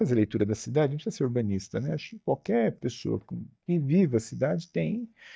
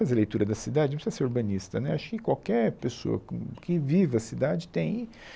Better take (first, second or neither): second